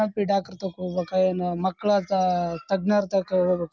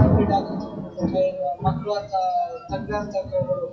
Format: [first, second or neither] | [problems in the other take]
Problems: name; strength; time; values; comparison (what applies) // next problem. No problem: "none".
first | noise reduction (classical method WPE with log-MMSE)